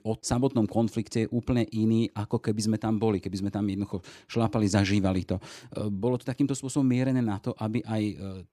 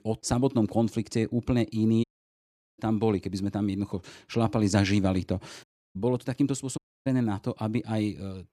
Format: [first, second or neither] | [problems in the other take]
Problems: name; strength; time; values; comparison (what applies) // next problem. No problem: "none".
first | audio cutting out; at 2 s for 0.5 s, at 5.5 s and at 7 s